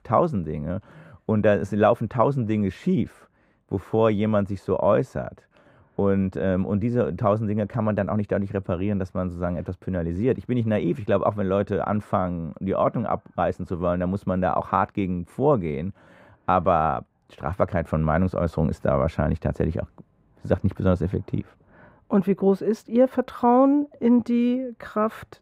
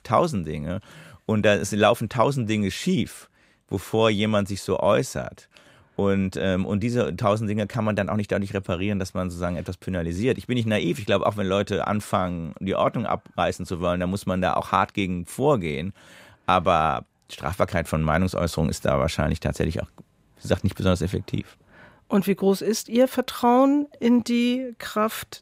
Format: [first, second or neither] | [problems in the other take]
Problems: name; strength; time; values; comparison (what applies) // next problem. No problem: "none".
second | muffled; very; fading above 2.5 kHz